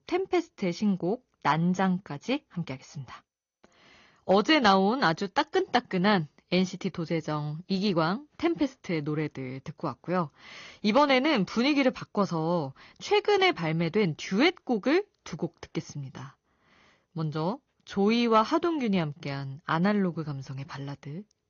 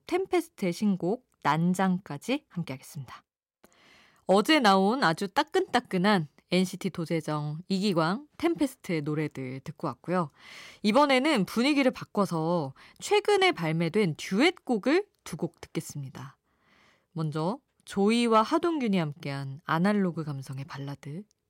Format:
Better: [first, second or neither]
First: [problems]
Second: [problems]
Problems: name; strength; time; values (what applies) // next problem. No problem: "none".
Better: second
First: garbled, watery; slightly; nothing above 6.5 kHz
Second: none